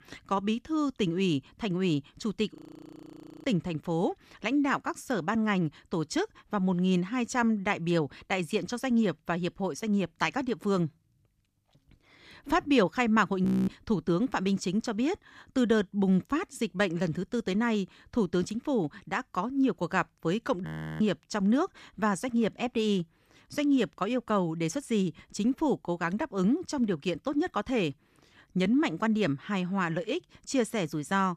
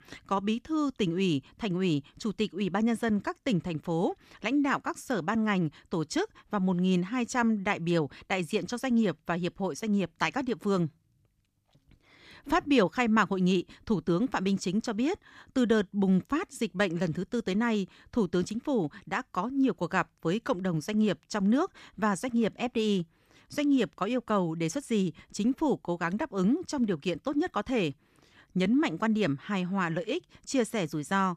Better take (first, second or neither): second